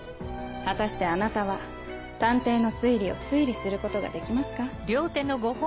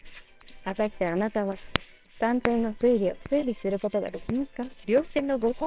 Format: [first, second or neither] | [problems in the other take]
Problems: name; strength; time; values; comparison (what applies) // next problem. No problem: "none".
first | noise reduction (neural separator model SepFormer WHAMR!)